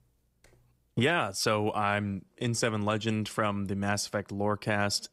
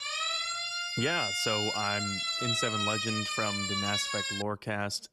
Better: first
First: none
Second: siren; loud; until 4.5 s; peak 5 dB above the speech

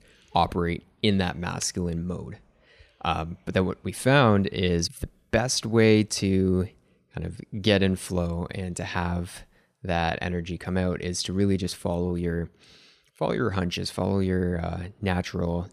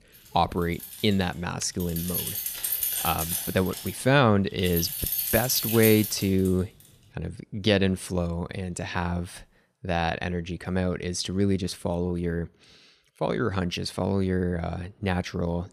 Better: first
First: none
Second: jangling keys; loud; from 1 to 6.5 s; peak 2 dB above the speech

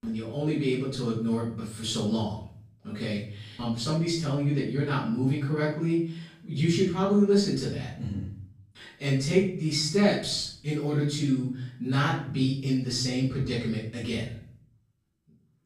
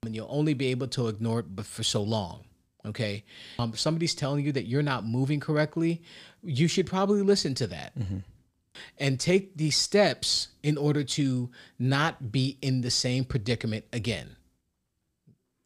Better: second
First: off-mic speech; far // room echo; noticeable; dies away in 0.5 s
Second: none

